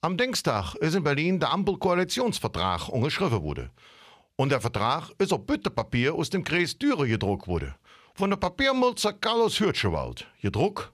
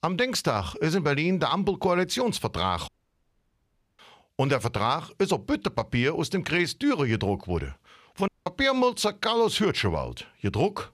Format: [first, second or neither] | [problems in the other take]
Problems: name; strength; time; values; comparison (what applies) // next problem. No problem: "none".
first | audio cutting out; at 3 s for 1 s and at 8.5 s